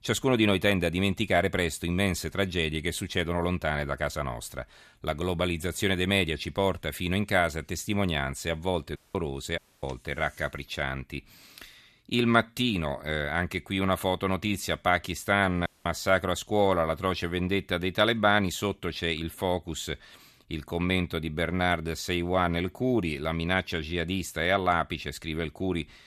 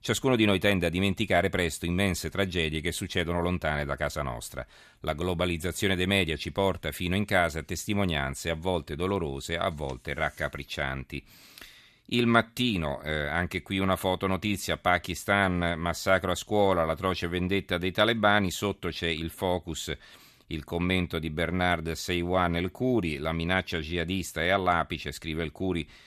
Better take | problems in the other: second | audio cutting out; at 9 s, at 9.5 s and at 16 s

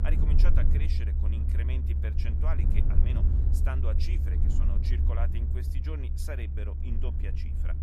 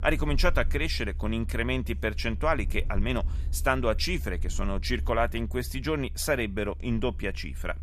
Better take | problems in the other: second | low rumble; loud; throughout; 2 dB below the speech; faint in the second

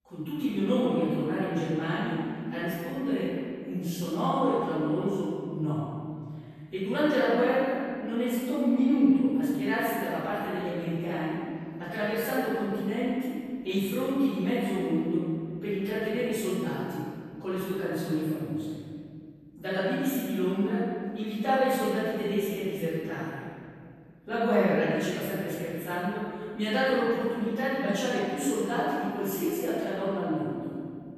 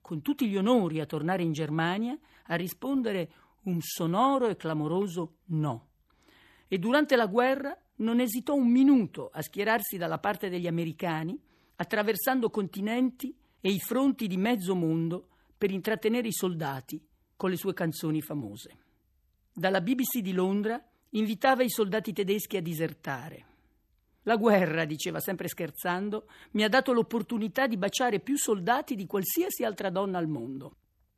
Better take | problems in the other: second | room echo; strong; dies away in 2 s // off-mic speech; far

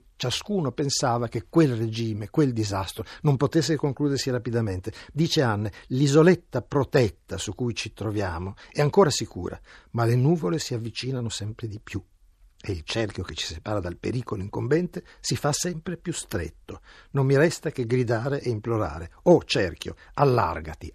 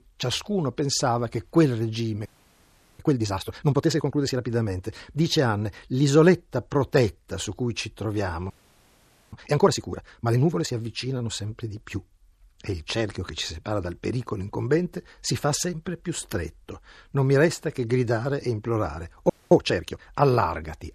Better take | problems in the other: first | audio freezing; at 2.5 s for 0.5 s, at 8.5 s for 1 s and at 19 s

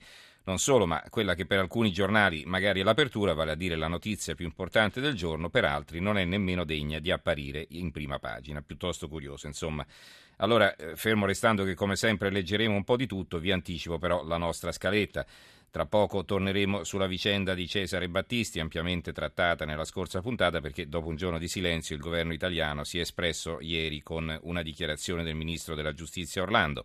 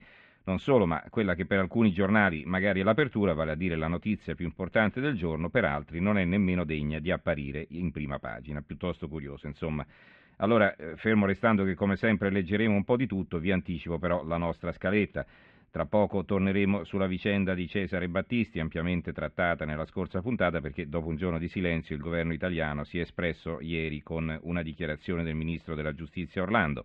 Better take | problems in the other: first | muffled; very; fading above 2.5 kHz

